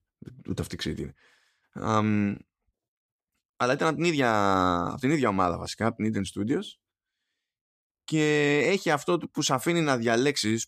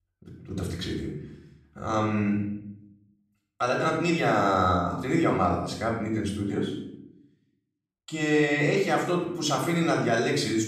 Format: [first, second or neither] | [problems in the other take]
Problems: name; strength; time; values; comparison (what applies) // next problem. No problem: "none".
first | off-mic speech; far // room echo; noticeable; dies away in 0.7 s